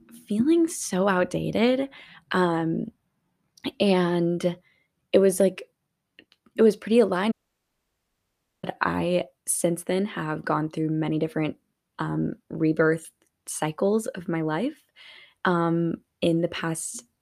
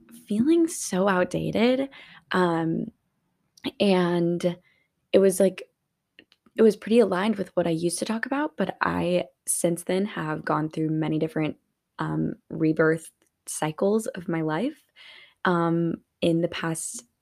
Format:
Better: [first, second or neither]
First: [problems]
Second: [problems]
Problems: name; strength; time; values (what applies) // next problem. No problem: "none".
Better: second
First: audio cutting out; at 7.5 s for 1.5 s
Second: none